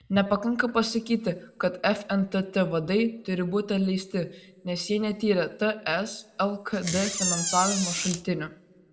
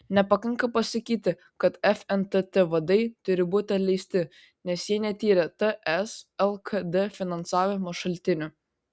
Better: second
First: background sound (Door); 3 dB below the speech // room echo; dies away in 0.4 s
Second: none

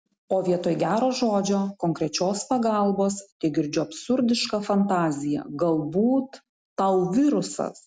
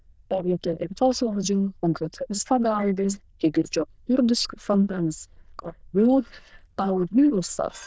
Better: first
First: none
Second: noise reduction (neural diffusion model UNIVERSE++)

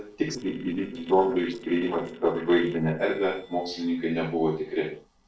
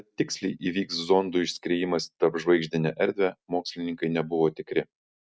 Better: second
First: noise reduction (neural separator model SepFormer DNS4)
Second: none

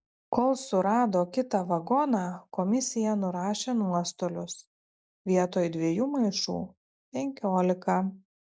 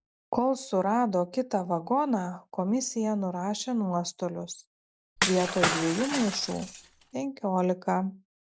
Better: first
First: none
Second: background sound (Shatter / Crushing); 2 dB below the speech

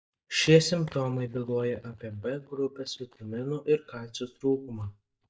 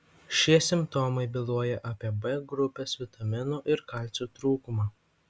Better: second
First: noise reduction (neural mask model DeepFilterNet 3)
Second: none

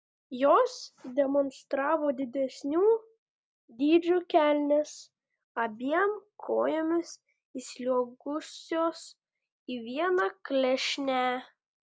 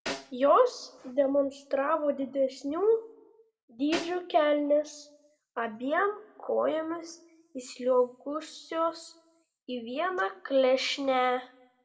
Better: first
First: none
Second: background sound (Snare drum); 14 dB below the speech // room echo; dies away in 0.4 s

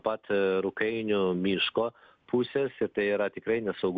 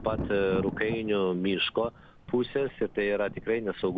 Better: first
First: none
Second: background sound (Thunder); 11 dB below the speech

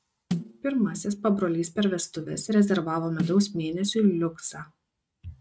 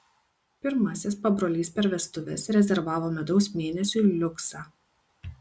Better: second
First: noise reduction (neural mask model RNNoise)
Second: none

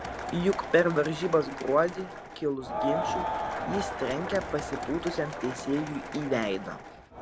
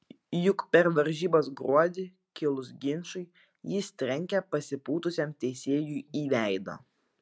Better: second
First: background sound (Crowd); 5 dB below the speech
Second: none

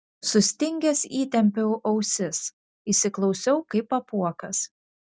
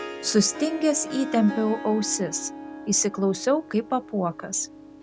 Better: first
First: none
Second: background sound (Harp); 11 dB below the speech

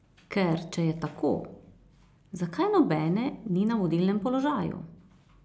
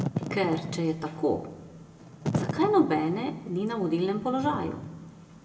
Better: first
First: none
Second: background sound (Wind / Fire); 8 dB below the speech // room echo; dies away in 1 s

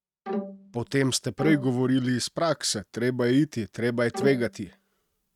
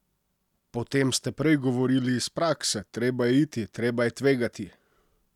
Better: second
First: noise reduction (neural mask model RNNoise)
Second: none

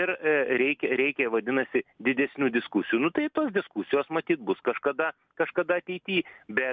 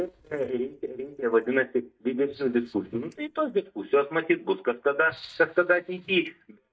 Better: first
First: none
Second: noise reduction (neural mask model DeepFilterNet 3)

